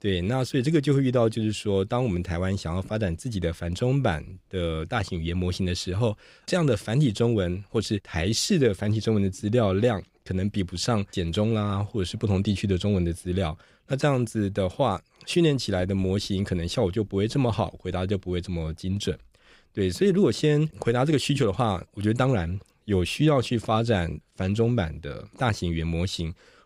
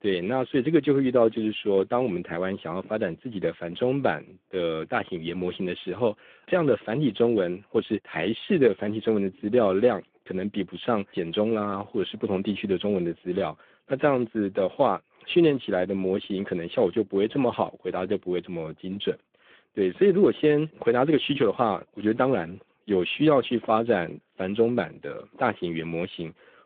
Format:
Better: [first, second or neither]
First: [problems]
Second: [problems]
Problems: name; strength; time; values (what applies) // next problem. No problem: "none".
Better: first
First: none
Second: phone-call audio